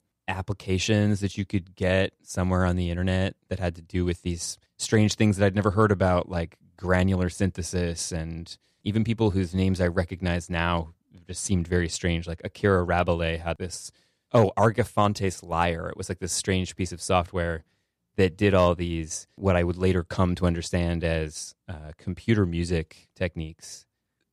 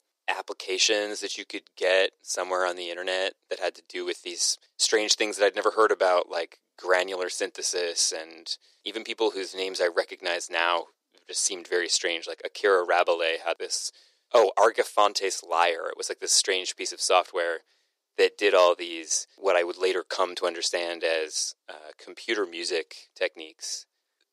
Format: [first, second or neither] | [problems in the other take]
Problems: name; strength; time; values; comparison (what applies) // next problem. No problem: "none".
first | thin; very; fading below 350 Hz